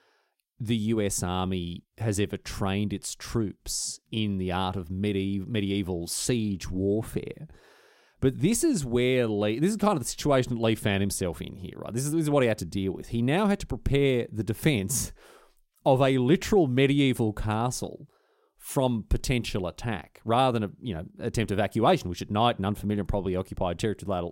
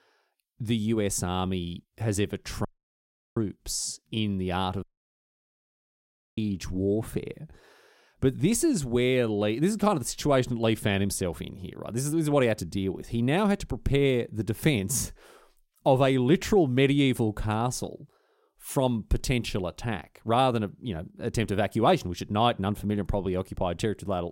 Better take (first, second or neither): first